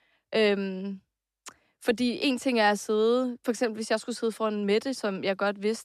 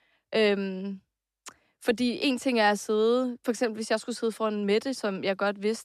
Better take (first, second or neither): neither